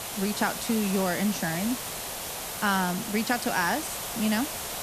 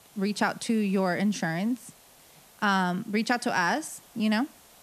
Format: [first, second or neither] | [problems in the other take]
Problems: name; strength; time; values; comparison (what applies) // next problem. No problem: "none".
second | hiss; loud; throughout; 4 dB below the speech; faint in the second